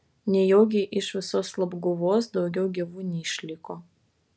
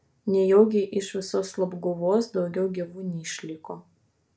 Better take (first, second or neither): first